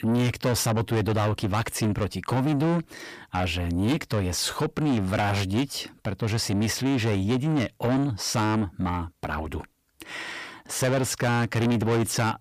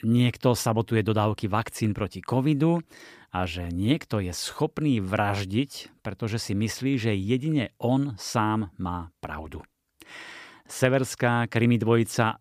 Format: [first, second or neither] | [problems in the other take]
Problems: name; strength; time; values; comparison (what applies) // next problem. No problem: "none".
second | distortion; heavy; 6 dB below the speech